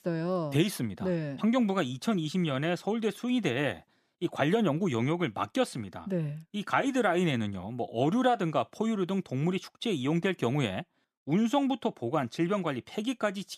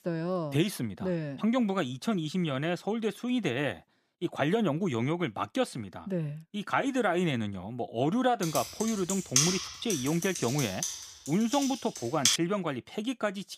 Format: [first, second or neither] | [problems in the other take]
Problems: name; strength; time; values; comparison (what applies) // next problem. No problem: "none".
first | keyboard typing; loud; from 8.5 to 12 s; peak 6 dB above the speech